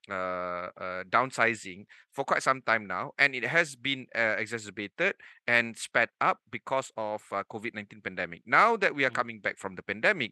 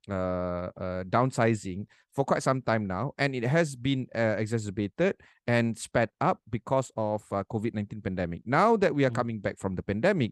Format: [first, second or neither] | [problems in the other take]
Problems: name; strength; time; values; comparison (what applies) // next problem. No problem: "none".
second | thin; somewhat; fading below 600 Hz